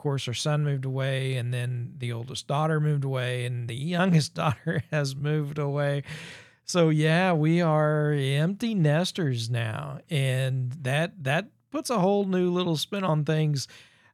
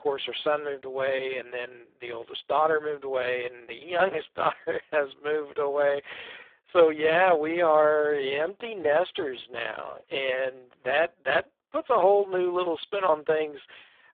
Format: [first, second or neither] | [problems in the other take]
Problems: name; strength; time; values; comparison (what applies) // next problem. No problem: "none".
first | phone-call audio; poor line